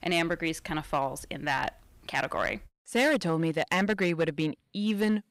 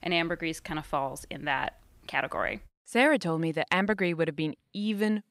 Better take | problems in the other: second | distortion; slight; 4% of the sound clipped

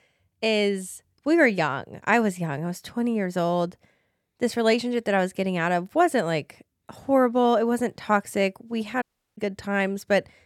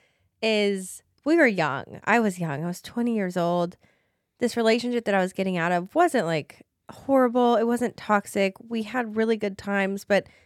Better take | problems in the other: second | audio cutting out; at 9 s

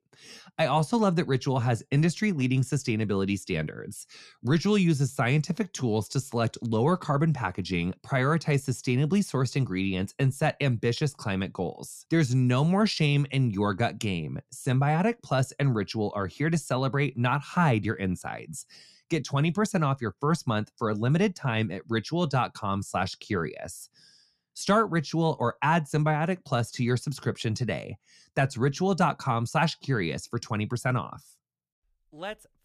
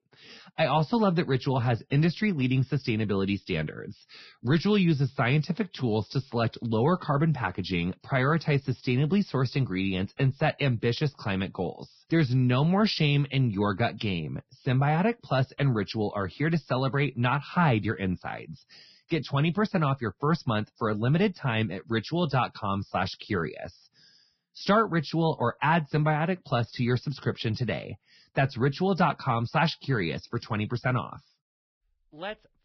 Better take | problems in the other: first | garbled, watery; badly; nothing above 5.5 kHz

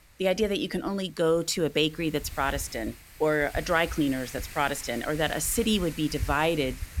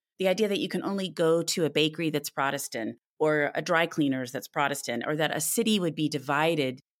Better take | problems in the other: second | wind noise on the microphone; occasional gusts; 15 dB below the speech

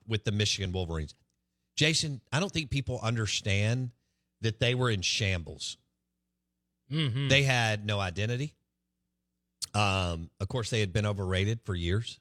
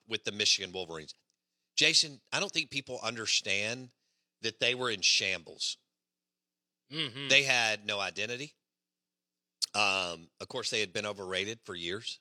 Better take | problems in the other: first | thin; somewhat; fading below 300 Hz

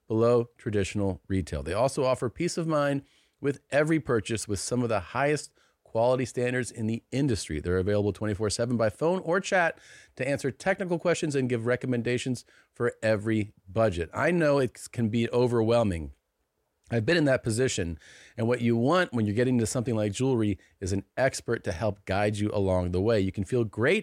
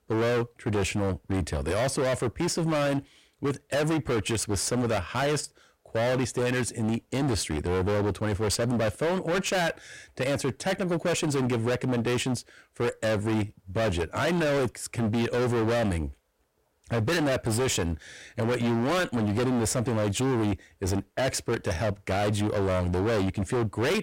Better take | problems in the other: first | distortion; heavy; 31% of the sound clipped

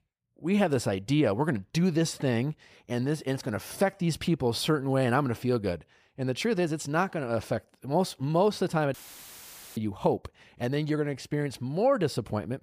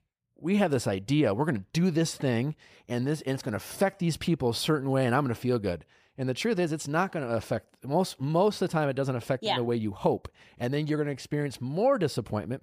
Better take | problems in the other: second | audio cutting out; filled with static; at 9 s for 1 s

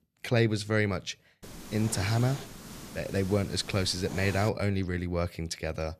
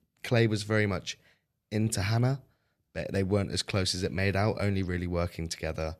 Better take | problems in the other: second | hiss; noticeable; from 1.5 to 4.5 s; 15 dB below the speech

